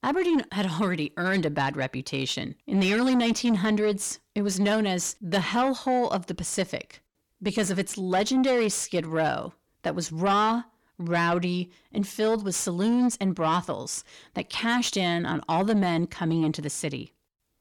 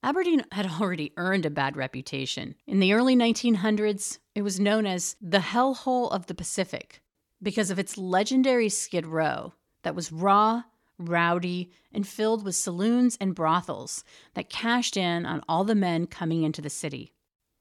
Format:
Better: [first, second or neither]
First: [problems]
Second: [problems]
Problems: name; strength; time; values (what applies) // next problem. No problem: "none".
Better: second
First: distortion; slight; 10 dB below the speech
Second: none